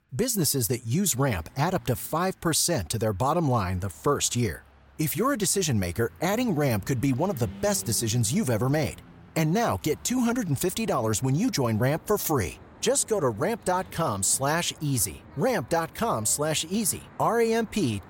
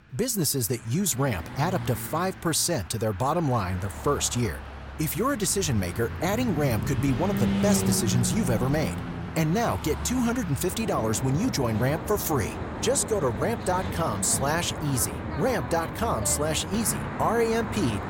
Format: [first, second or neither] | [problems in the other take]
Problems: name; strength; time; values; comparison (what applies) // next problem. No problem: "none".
first | traffic noise; loud; throughout; 6 dB below the speech; faint in the first